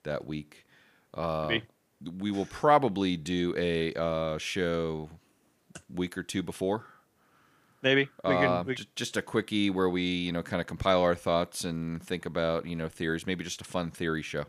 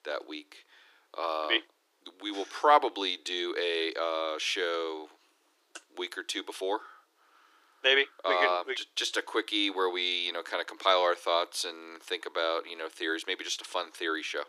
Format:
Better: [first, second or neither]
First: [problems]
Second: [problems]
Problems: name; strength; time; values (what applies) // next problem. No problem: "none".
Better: first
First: none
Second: thin; very; fading below 300 Hz